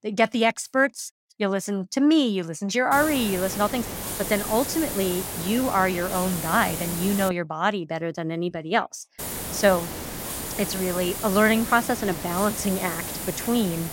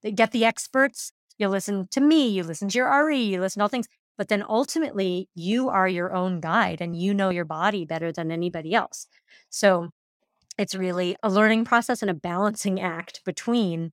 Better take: second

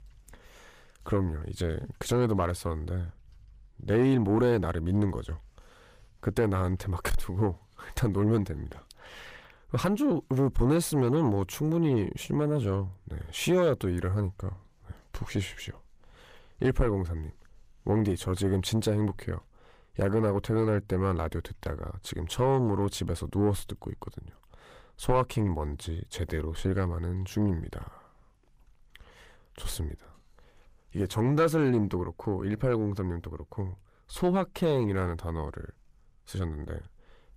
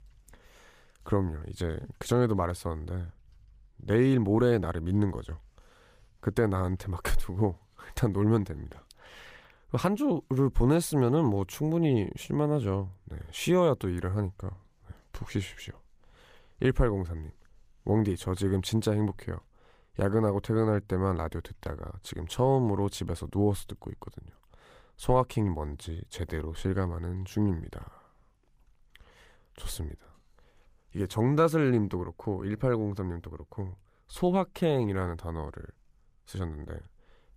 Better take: second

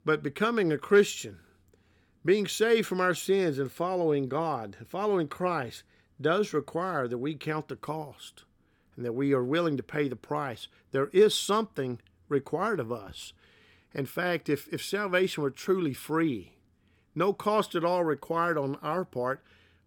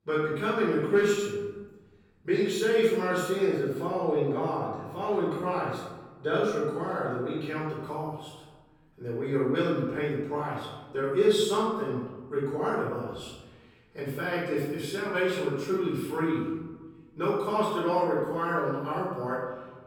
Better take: first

